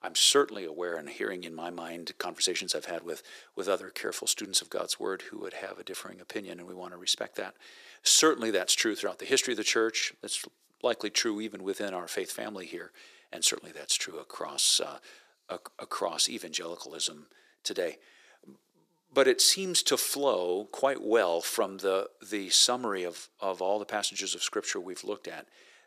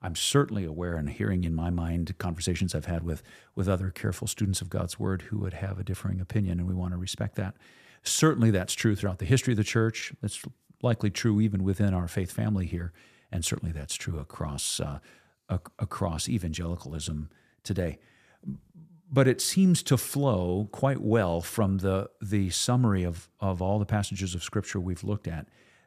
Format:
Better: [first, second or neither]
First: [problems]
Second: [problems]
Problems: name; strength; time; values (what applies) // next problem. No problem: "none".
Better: second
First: thin; very; fading below 350 Hz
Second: none